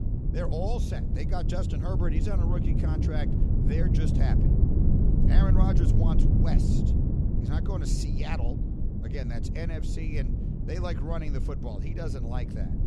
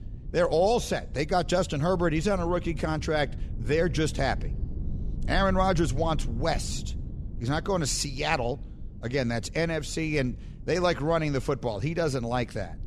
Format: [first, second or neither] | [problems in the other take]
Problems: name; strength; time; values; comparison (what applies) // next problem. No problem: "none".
second | low rumble; loud; throughout; as loud as the speech; faint in the second